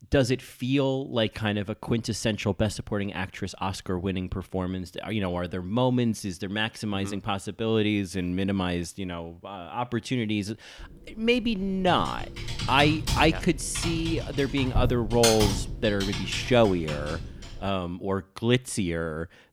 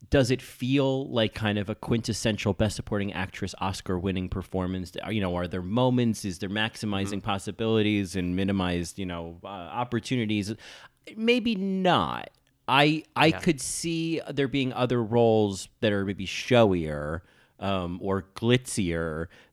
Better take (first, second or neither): second